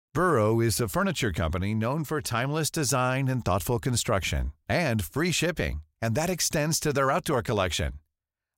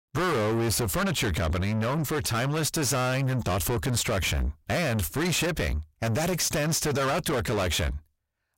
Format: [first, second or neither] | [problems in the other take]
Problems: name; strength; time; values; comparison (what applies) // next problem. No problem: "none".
first | distortion; heavy; 6 dB below the speech